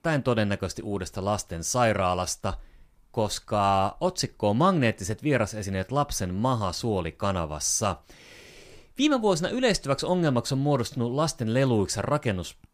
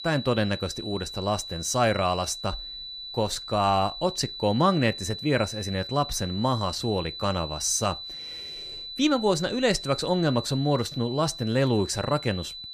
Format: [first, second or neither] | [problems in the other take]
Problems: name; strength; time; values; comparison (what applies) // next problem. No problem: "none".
first | high-pitched whine; loud; throughout; 4 kHz, 9 dB below the speech